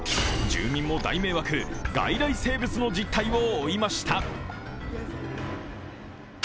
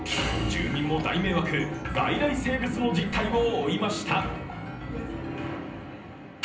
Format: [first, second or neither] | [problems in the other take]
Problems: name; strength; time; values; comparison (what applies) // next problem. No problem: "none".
first | background sound (Bass drum); 18 dB below the speech // room echo; dies away in 0.6 s